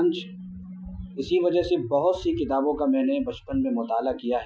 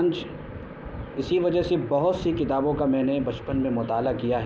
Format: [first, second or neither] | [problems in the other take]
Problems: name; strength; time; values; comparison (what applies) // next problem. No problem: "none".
second | noise reduction (classical method Wiener filter)